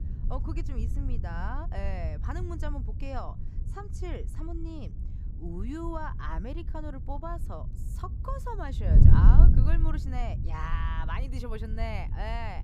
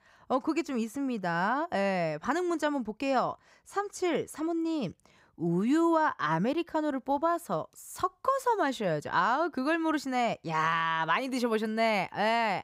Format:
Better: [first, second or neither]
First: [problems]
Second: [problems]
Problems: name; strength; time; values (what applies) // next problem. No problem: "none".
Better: second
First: wind noise on the microphone; heavy; 5 dB below the speech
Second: none